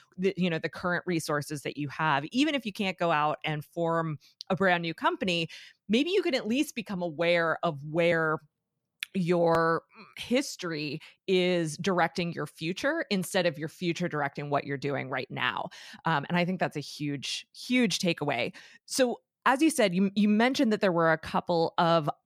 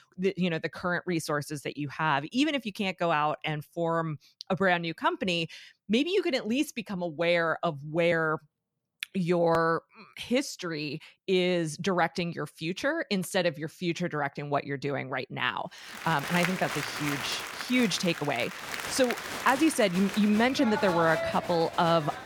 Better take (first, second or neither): first